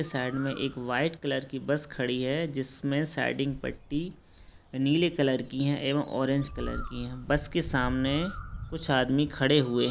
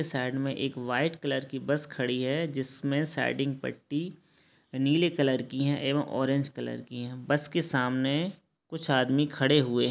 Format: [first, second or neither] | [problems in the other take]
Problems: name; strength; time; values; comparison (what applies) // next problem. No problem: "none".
second | background sound (Bird); 14 dB below the speech